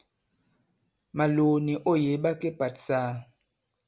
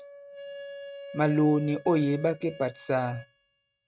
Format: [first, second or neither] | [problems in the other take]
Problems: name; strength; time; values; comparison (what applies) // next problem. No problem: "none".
first | noise reduction (neural mask model RNNoise)